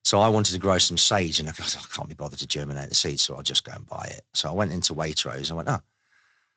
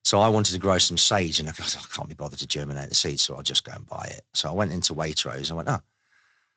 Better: neither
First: garbled, watery; slightly; nothing above 7.5 kHz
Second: garbled, watery; slightly; nothing above 7.5 kHz

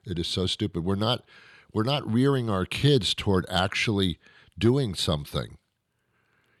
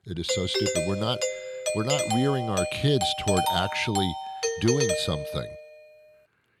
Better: first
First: none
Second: doorbell; loud; until 5.5 s; peak 2 dB above the speech

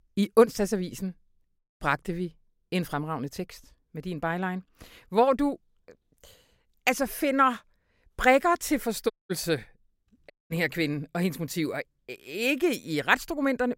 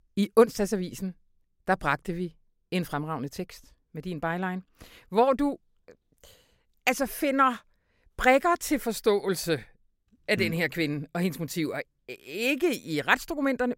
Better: second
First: audio cutting out; at 1.5 s, at 9 s and at 10 s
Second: none

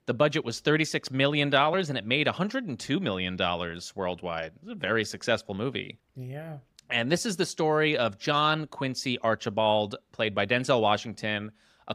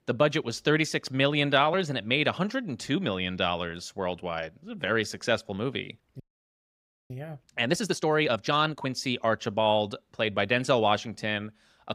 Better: first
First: none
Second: audio freezing; at 6 s for 1 s

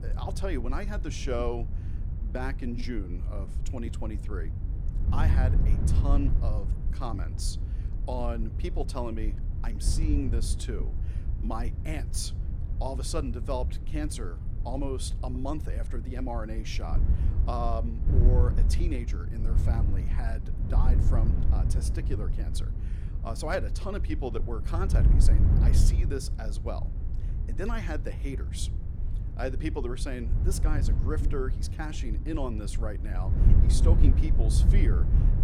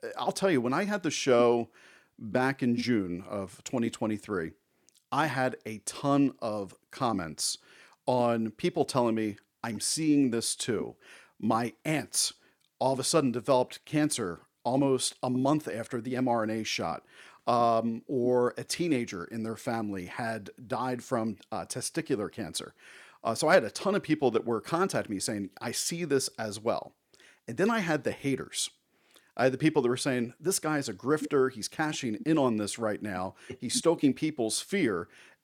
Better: second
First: wind noise on the microphone; heavy; 7 dB below the speech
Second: none

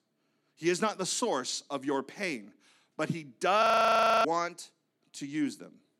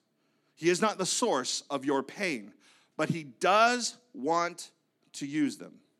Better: second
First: audio freezing; at 3.5 s for 0.5 s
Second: none

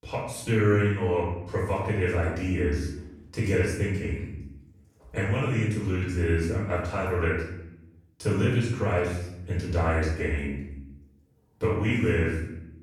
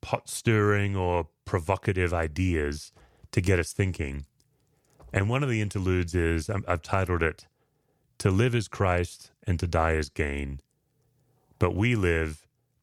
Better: second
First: room echo; noticeable; dies away in 0.8 s // off-mic speech; far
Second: none

